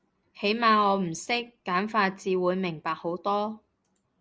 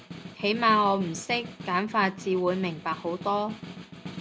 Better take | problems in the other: first | background sound (Snare drum); 14 dB below the speech

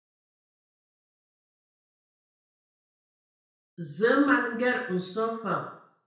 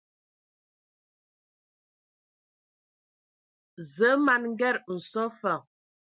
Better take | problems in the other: second | room echo; dies away in 0.5 s

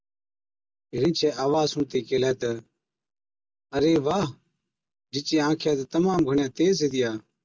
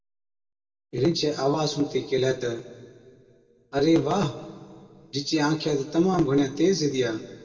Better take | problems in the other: first | room echo; dies away in 1.7 s

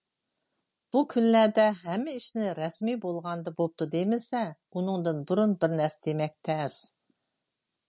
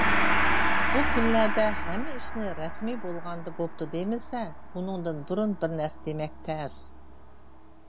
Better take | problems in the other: first | background sound (Gong); 4 dB above the speech

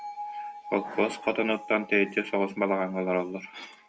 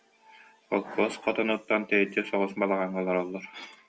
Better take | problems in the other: second | background sound (Bell); 15 dB below the speech

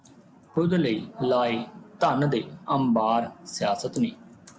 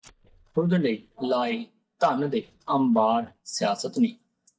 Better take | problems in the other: first | noise reduction (neural mask model DeepFilterNet 3)

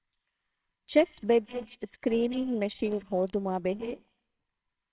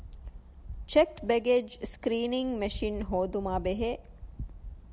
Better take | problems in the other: second | noise reduction (neural separator model SepFormer WHAMR!)

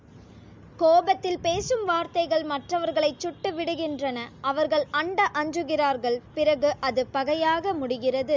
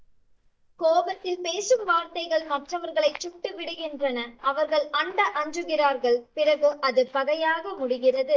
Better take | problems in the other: first | noise reduction (neural mask model DeepFilterNet 3)

